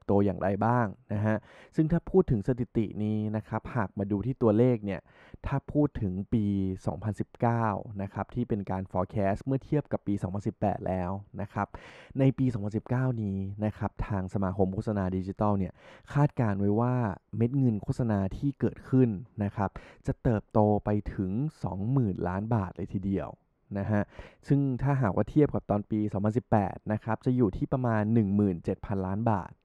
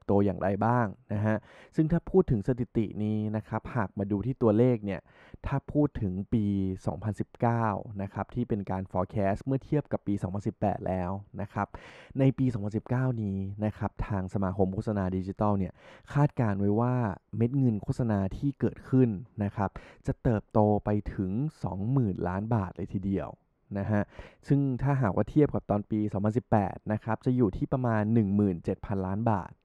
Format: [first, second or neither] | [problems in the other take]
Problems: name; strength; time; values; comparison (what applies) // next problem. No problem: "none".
neither | muffled; very; fading above 2 kHz; the same in both